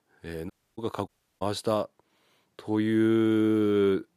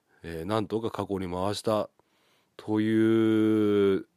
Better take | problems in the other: second | audio cutting out; at 0.5 s and at 1 s

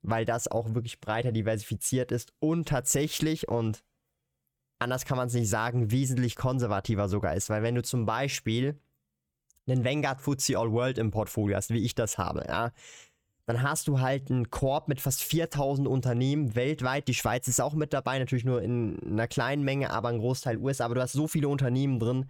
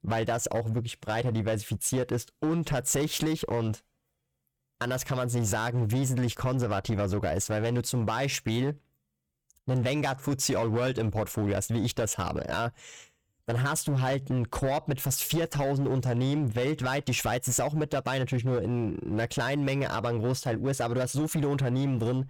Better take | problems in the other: first | distortion; slight; 14% of the sound clipped

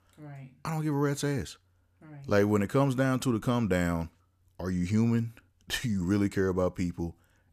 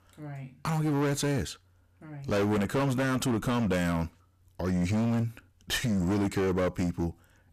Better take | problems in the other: first | distortion; heavy; 19% of the sound clipped

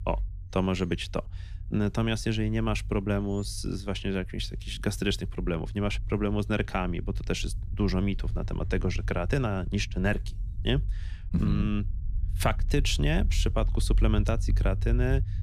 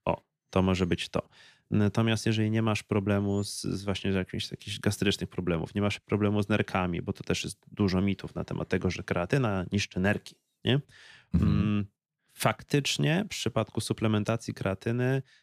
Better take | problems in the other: second | low rumble; faint; throughout; 20 dB below the speech

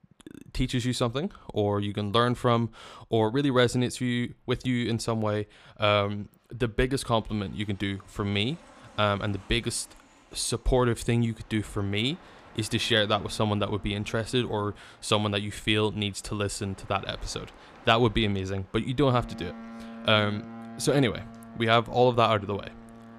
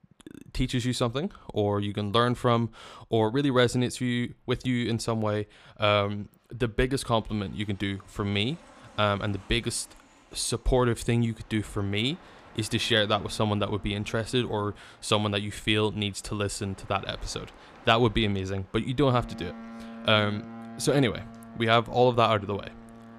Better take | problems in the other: neither | train or aircraft noise; faint; throughout; 20 dB below the speech; the same in both

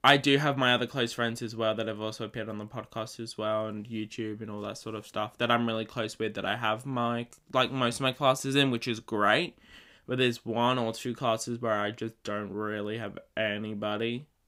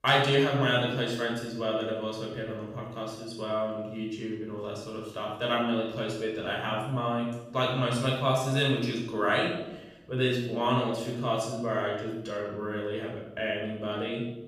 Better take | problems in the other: first | off-mic speech; far // room echo; noticeable; dies away in 0.8 s

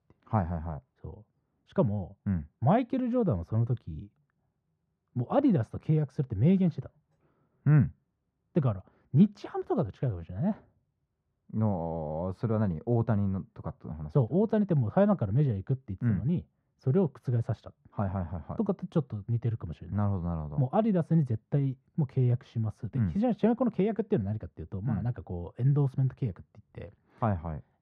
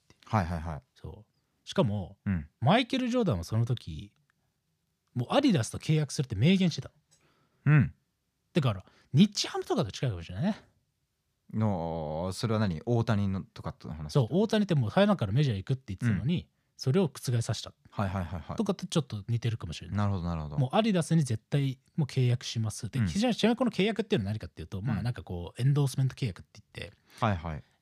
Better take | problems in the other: second | muffled; very; fading above 2.5 kHz

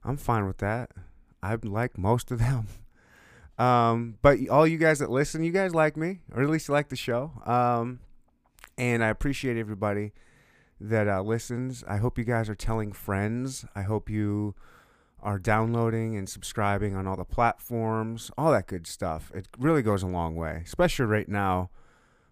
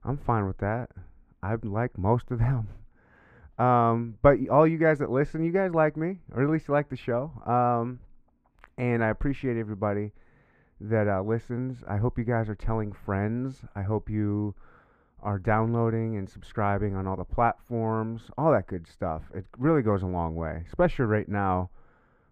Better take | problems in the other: first | muffled; very; fading above 3.5 kHz

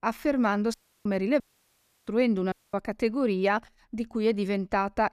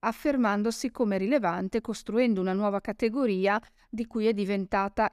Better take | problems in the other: second | audio cutting out; at 0.5 s, at 1.5 s for 0.5 s and at 2.5 s

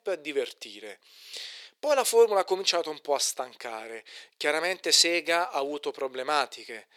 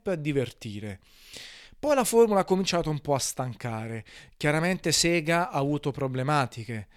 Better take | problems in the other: second | thin; very; fading below 400 Hz

